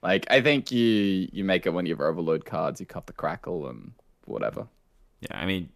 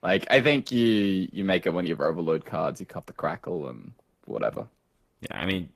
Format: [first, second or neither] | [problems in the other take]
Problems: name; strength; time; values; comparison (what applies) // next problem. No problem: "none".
first | garbled, watery; slightly; nothing above 14.5 kHz